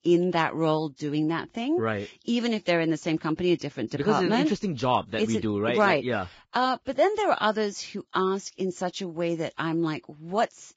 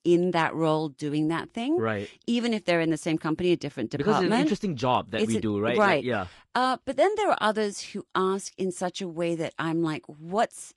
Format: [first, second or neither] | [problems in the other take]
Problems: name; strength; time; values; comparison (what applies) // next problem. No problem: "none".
second | garbled, watery; badly; nothing above 7.5 kHz; slightly in the second